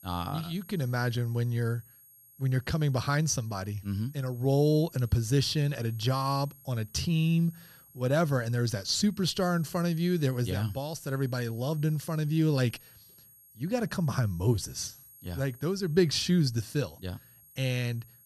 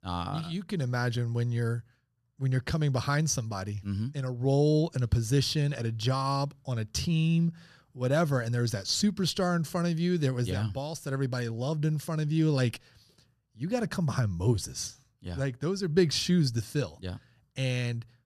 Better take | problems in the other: second | high-pitched whine; faint; throughout; 11.5 kHz, 25 dB below the speech

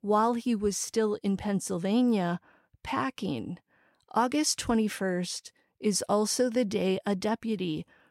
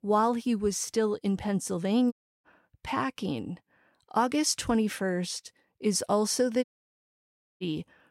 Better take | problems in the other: first | audio cutting out; at 2 s and at 6.5 s for 1 s

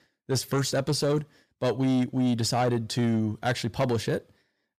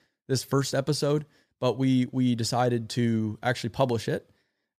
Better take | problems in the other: second | distortion; slight; 10 dB below the speech

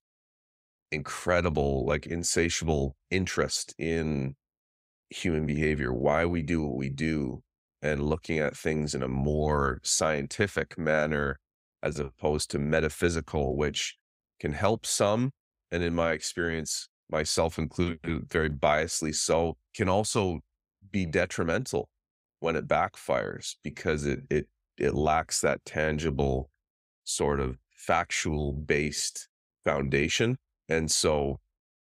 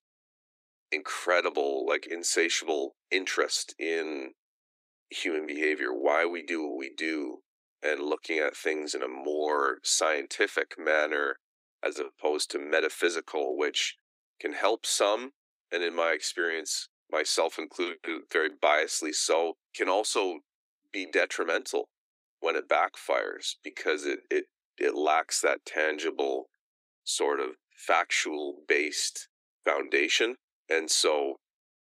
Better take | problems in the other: first | thin; somewhat; fading below 300 Hz

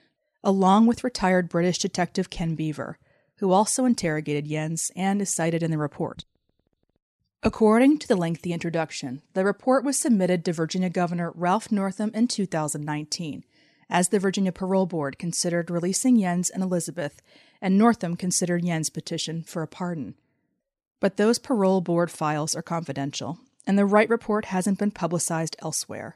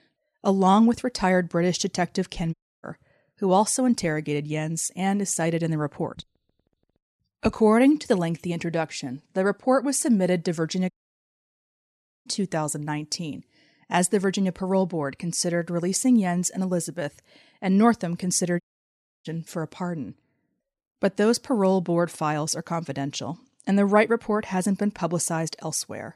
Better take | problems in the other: first | audio cutting out; at 2.5 s, at 11 s for 1.5 s and at 19 s for 0.5 s

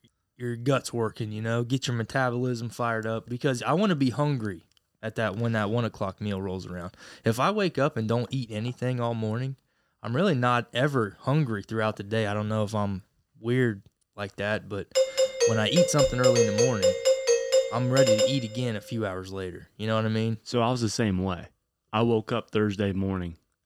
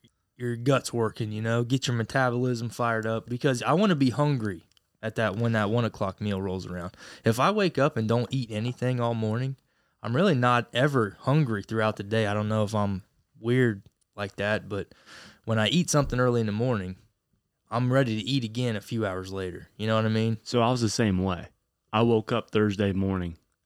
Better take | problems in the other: second | doorbell; loud; from 15 to 18 s; peak 6 dB above the speech

